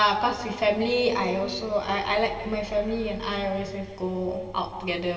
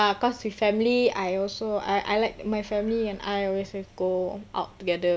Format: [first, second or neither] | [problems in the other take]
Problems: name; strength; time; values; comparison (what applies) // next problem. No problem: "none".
second | room echo; dies away in 2.3 s